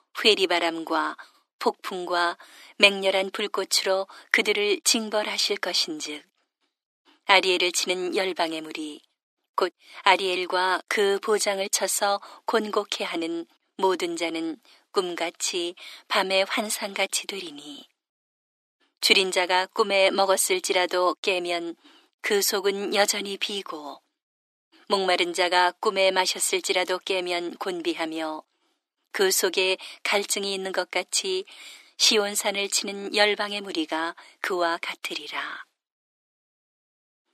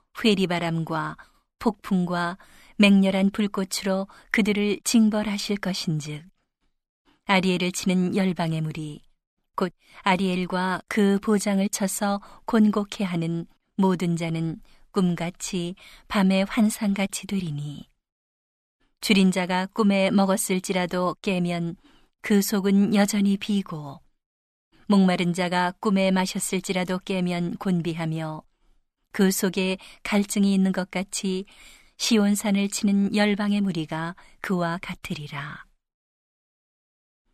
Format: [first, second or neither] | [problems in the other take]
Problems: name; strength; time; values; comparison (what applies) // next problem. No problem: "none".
second | thin; very; fading below 300 Hz